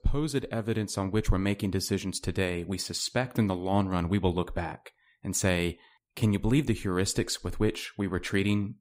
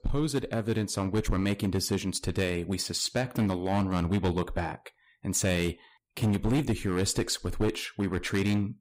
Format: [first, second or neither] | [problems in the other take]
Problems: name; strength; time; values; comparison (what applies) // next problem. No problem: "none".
first | distortion; slight; 8% of the sound clipped